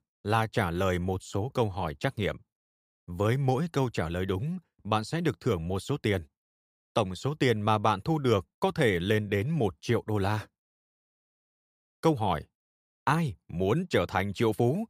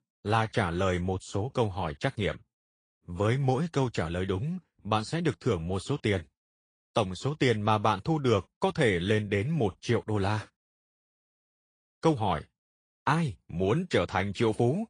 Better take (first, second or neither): first